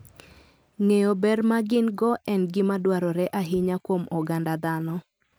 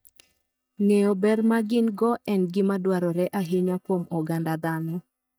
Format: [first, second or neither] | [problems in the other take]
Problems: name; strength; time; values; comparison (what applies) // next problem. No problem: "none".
first | noise reduction (neural mask model DeepFilterNet 3)